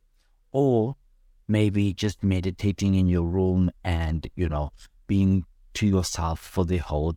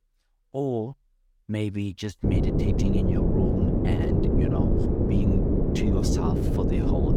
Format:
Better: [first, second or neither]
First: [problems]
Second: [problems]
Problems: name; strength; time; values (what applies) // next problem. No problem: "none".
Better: first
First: none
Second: wind noise on the microphone; heavy; from 2 s on; 4 dB above the speech